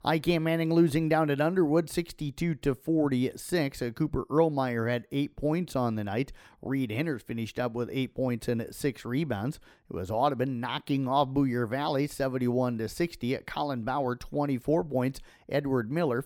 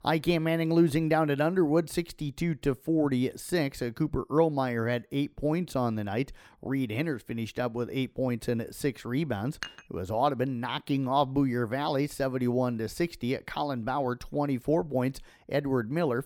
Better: first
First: none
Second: clattering dishes; faint; at 9.5 s; peak 10 dB below the speech

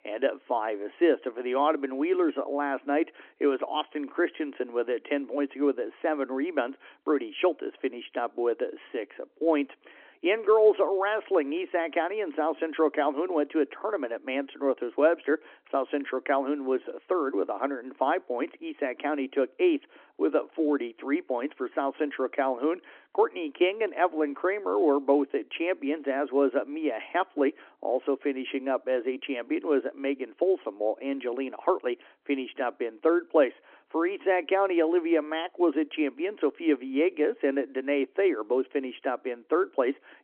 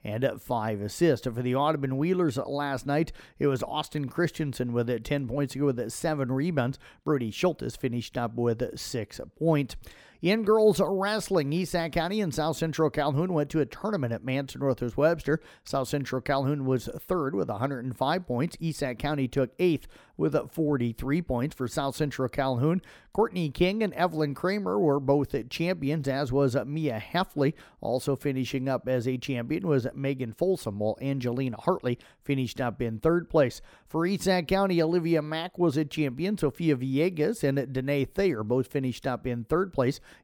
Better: second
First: phone-call audio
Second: none

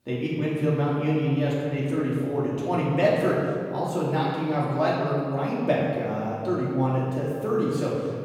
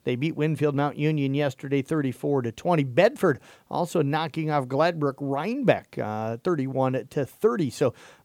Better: second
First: room echo; strong; dies away in 2 s // off-mic speech; far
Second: none

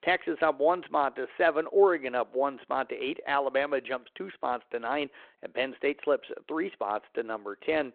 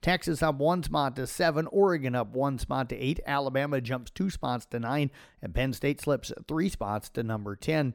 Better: second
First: phone-call audio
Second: none

